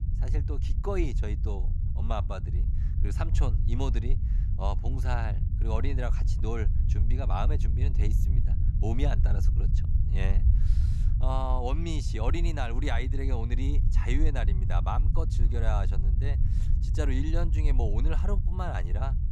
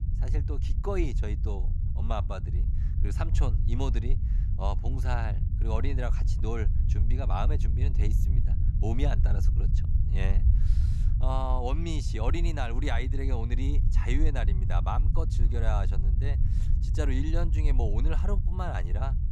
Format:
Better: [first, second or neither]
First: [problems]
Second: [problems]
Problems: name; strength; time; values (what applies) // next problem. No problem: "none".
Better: neither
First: low rumble; loud; throughout; 8 dB below the speech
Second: low rumble; loud; throughout; 8 dB below the speech